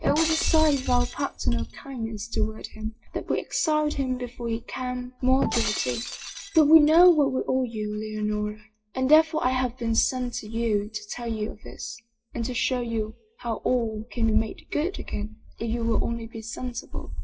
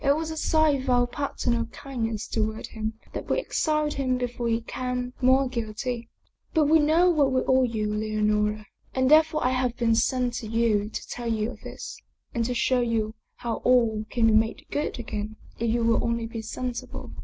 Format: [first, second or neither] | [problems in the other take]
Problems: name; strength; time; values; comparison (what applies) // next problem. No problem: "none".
second | noise reduction (classical method WPE with log-MMSE)